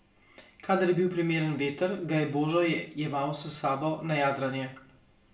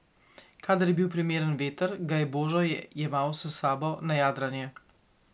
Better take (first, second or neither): second